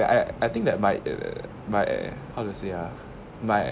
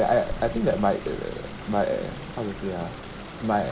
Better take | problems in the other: first | background sound (Stream); 12 dB below the speech // room echo; dies away in 2 s

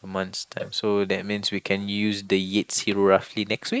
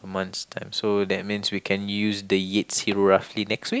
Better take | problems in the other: second | noise reduction (neural mask model Resemble Enhance denoiser)

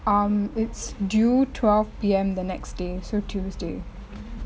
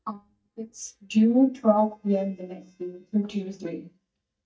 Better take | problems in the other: first | noise reduction (neural mask model DeepFilterNet 3)

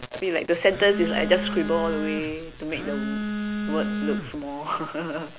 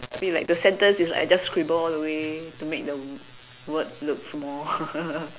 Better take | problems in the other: second | background sound (Telephone); 4 dB below the speech

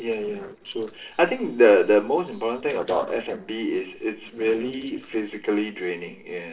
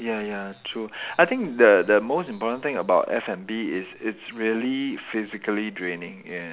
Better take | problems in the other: second | noise reduction (neural separator model SepFormer DNS4)

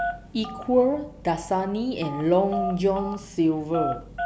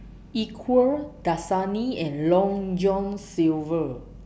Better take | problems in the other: second | background sound (Telephone); 9 dB below the speech

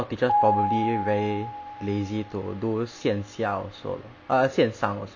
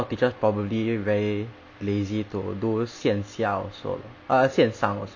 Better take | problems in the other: second | background sound (Piano); 3 dB below the speech

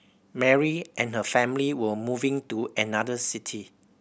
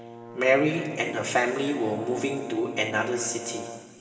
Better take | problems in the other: first | background sound (Brass instrument); 12 dB below the speech // room echo; dies away in 2.4 s

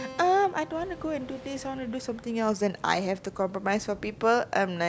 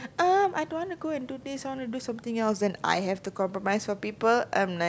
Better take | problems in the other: second | background sound (Keyboard (musical) + Thunder); 19 dB below the speech

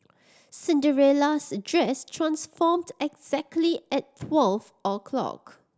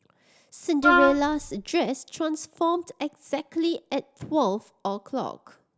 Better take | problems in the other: first | background sound (Wind instrument, woodwind instrument); 3 dB above the speech

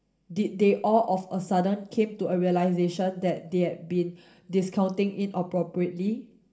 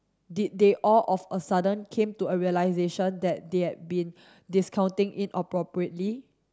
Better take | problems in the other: second | room echo; dies away in 0.5 s

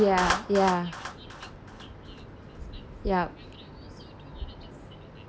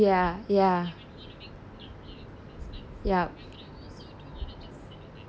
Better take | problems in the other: second | background sound (Clapping); 8 dB below the speech

